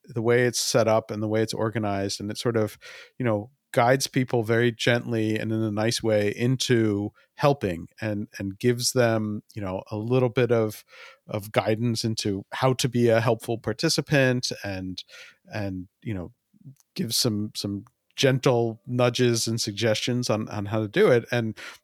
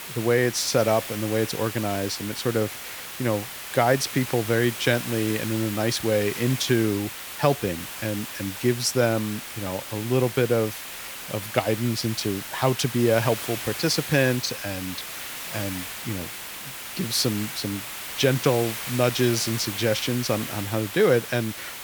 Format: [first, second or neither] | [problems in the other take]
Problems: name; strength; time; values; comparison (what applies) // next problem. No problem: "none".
first | hiss; loud; throughout; 8 dB below the speech